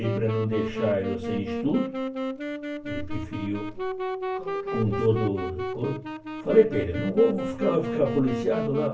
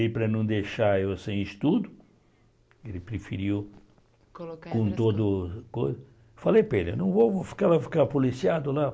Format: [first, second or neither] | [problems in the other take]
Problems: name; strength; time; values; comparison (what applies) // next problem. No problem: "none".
second | background sound (Wind instrument, woodwind instrument); 4 dB below the speech // room echo; dies away in 0.2 s